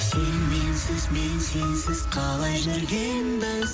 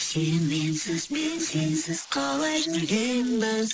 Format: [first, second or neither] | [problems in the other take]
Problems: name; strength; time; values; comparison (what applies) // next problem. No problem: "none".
first | noise reduction (neural mask model Resemble Enhance denoiser)